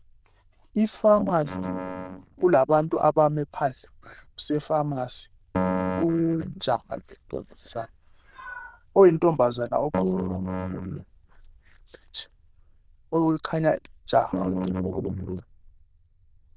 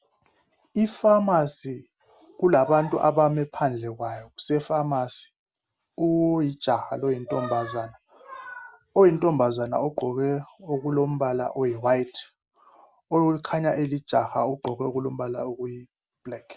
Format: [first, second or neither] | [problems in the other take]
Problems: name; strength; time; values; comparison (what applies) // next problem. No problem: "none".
second | noise reduction (neural diffusion model UNIVERSE++)